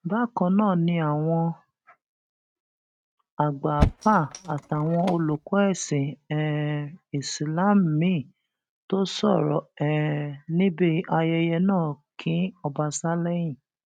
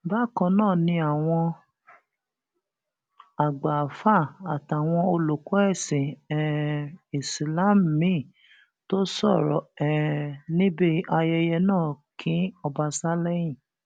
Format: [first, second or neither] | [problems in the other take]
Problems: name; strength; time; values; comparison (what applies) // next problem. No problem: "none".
second | noise reduction (neural mask model RNNoise)